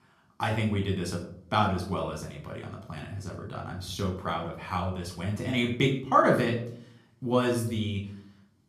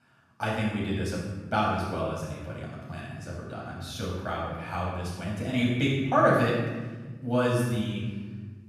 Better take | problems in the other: first | room echo; strong; dies away in 1.6 s; slight in the first // off-mic speech; far; somewhat distant in the first

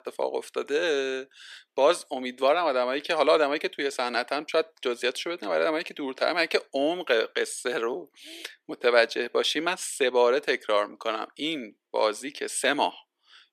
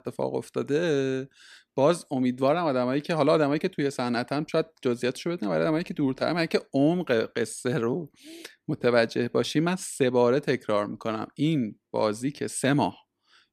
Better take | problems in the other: second | thin; somewhat; fading below 400 Hz

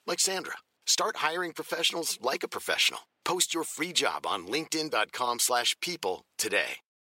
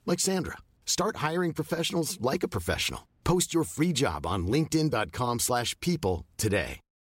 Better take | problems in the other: second | thin; very; fading below 500 Hz

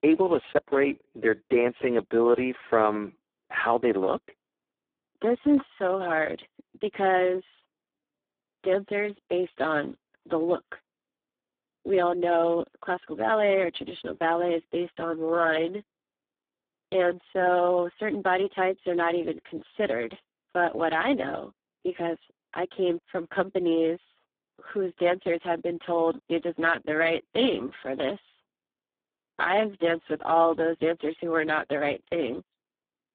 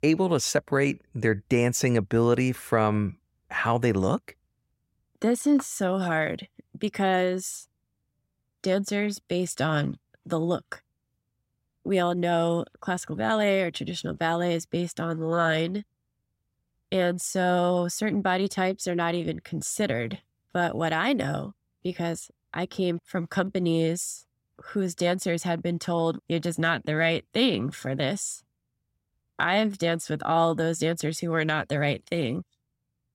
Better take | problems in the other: second | phone-call audio; poor line

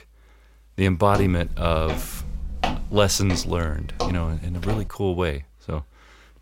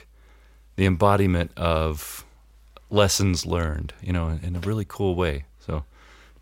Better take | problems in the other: second | footsteps; noticeable; from 1 to 5 s; peak 3 dB below the speech

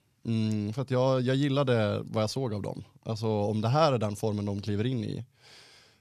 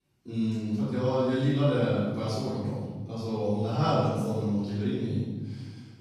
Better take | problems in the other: first | room echo; strong; dies away in 1.4 s // off-mic speech; far

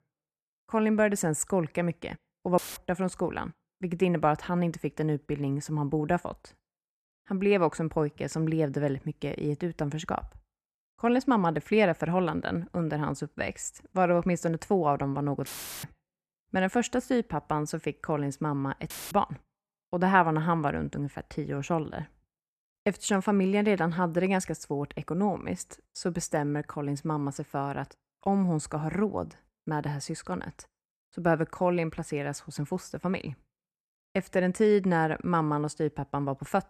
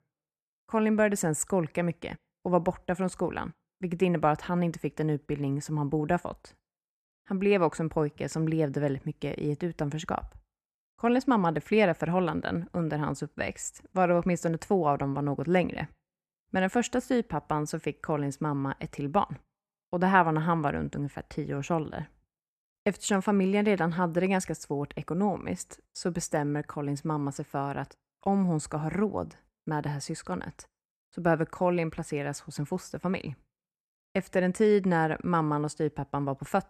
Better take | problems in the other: second | audio cutting out; filled with static; at 2.5 s, at 15 s and at 19 s

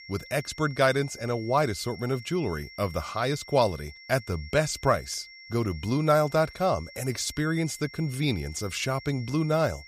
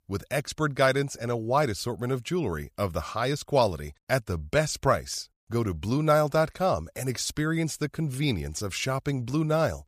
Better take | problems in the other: second | high-pitched whine; noticeable; throughout; 2 kHz, 15 dB below the speech

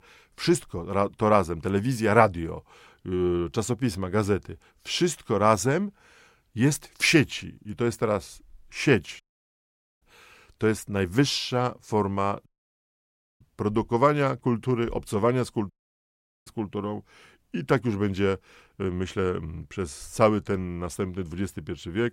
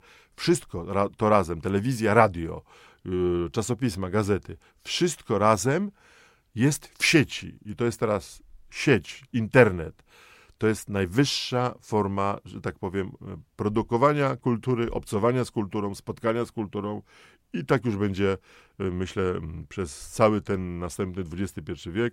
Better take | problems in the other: second | audio cutting out; at 9 s for 1 s, at 12 s for 1 s and at 16 s for 1 s

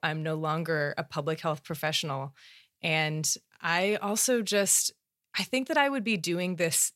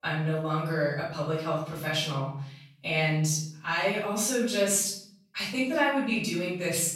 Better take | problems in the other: first | room echo; noticeable; dies away in 0.6 s // off-mic speech; far

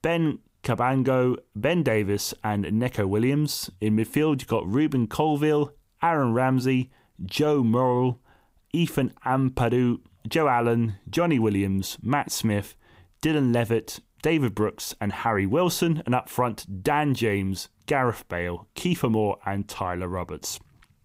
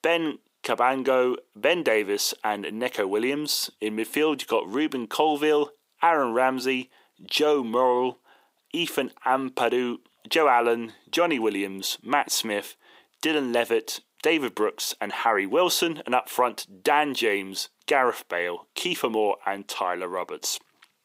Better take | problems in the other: first | thin; somewhat; fading below 350 Hz

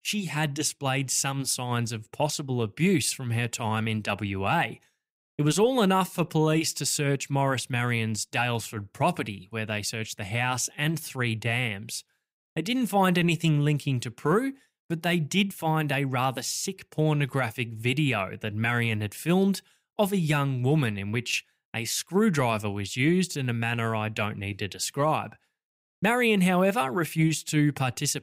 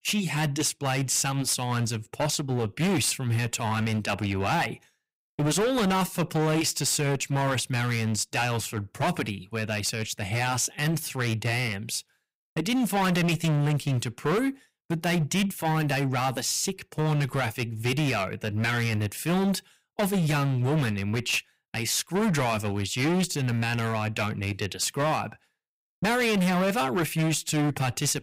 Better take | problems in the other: first | distortion; heavy; 17% of the sound clipped

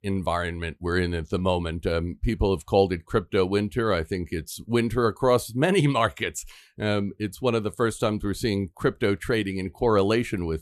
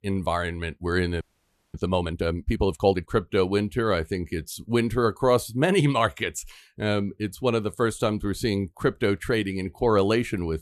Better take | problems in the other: first | audio freezing; at 1 s for 0.5 s

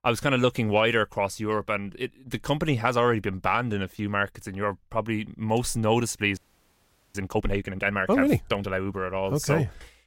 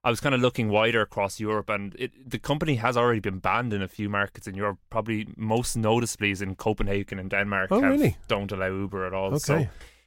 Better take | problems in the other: second | audio freezing; at 6.5 s for 1 s

